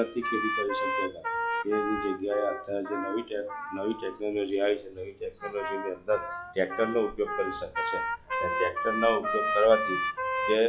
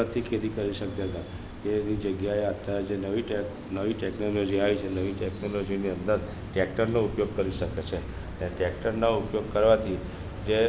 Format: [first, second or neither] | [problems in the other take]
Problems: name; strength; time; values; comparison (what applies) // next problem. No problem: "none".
second | noise reduction (classical method log-MMSE)